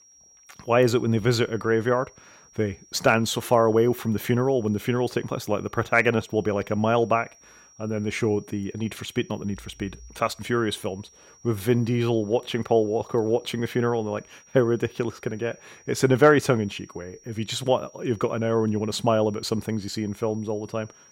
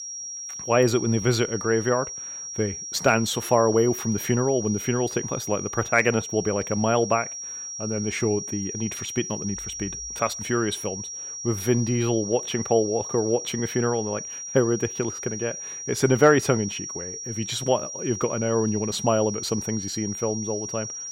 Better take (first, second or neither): first